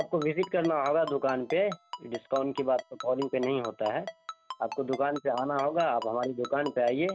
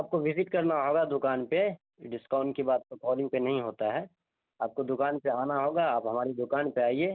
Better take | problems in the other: second | background sound (Ringtone); 14 dB below the speech

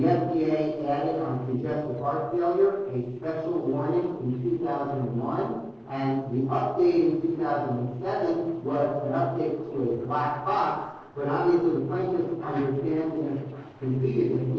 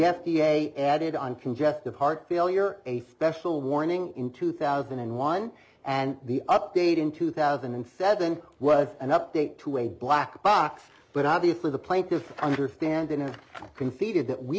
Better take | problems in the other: second | noise reduction (neural separator model SepFormer DNS4)

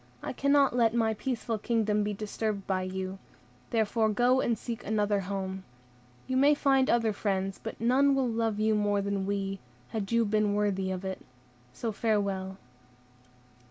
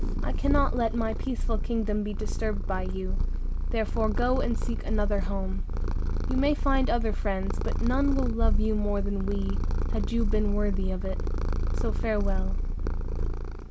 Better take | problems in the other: first | background sound (Purr); 5 dB above the speech

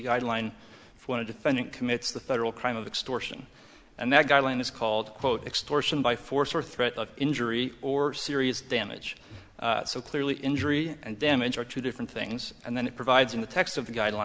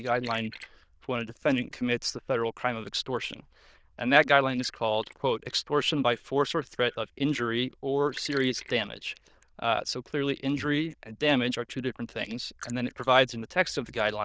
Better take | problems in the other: first | noise reduction (neural diffusion model UNIVERSE++)

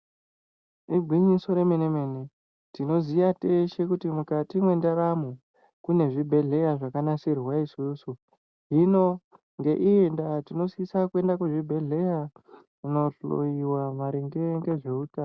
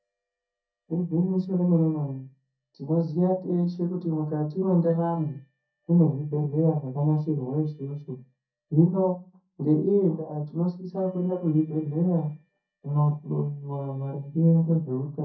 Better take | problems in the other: first | noise reduction (neural mask model DeepFilterNet 3)

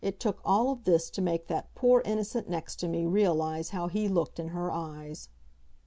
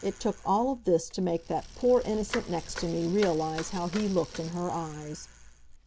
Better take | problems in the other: first | background sound (Bicycle); 15 dB below the speech

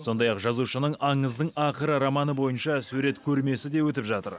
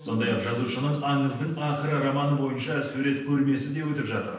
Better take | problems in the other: first | noise reduction (neural separator model SepFormer DNS4)

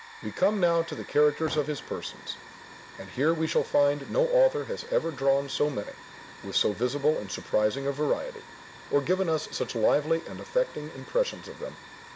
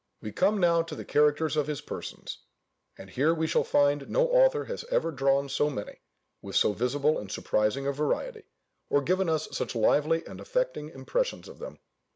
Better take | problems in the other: second | background sound (Hiss / Fire); 18 dB below the speech

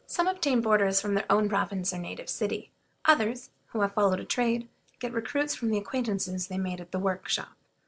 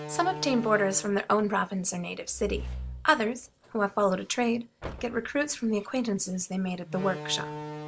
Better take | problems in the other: first | background sound (Slam); 12 dB below the speech

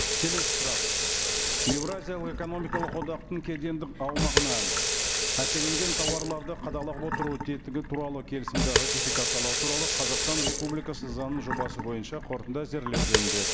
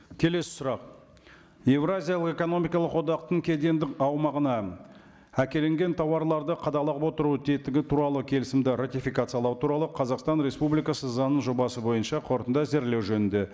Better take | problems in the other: second | background sound (Sink (filling or washing) / Water tap, faucet); 4 dB above the speech

